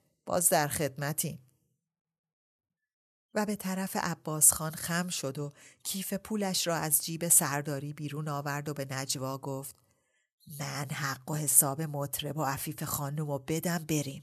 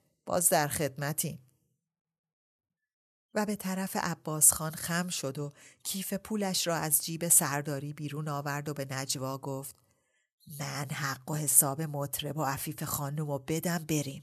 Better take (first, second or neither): neither